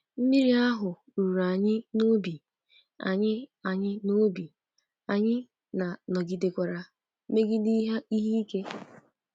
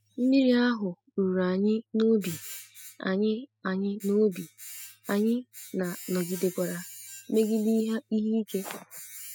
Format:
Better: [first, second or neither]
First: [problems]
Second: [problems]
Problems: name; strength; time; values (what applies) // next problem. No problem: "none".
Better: first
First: none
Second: noise reduction (classical method spectral subtraction)